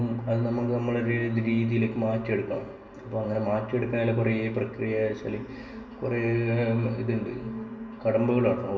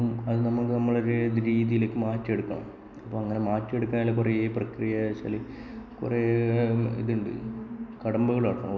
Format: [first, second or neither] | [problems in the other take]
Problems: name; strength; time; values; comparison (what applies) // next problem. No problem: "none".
second | room echo; dies away in 0.2 s